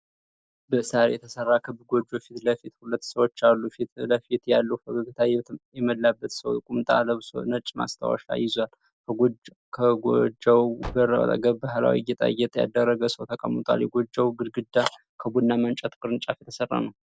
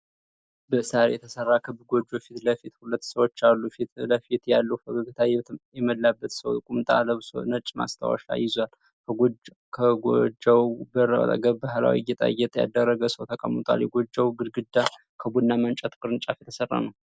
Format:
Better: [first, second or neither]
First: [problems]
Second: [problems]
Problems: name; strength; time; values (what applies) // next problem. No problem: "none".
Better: second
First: noise reduction (neural separator model SepFormer DNS4)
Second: none